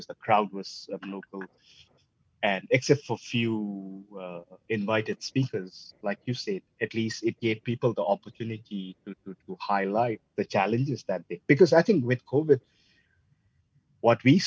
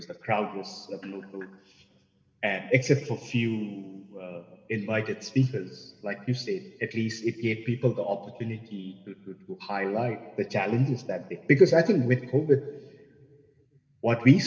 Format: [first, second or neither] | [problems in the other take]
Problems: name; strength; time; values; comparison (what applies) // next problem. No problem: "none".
first | room echo; dies away in 2.4 s